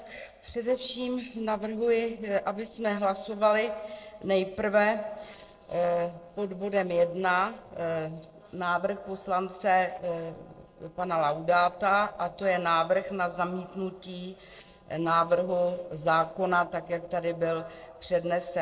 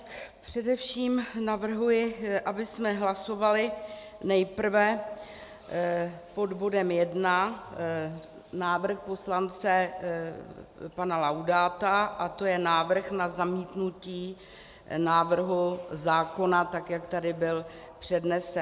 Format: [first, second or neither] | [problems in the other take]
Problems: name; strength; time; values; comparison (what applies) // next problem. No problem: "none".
second | noise reduction (neural separator model SepFormer DNS4)